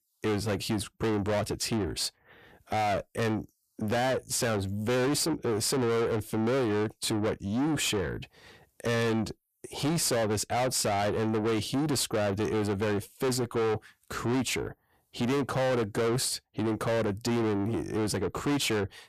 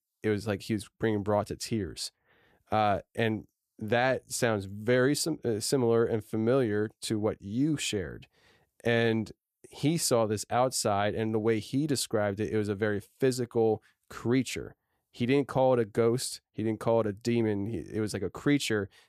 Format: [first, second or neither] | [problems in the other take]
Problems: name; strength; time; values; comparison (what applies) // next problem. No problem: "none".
second | distortion; heavy; 6 dB below the speech